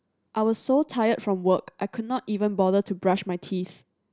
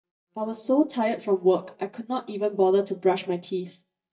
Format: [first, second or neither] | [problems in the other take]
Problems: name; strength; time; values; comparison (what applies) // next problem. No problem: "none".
first | noise reduction (neural mask model DeepFilterNet 3)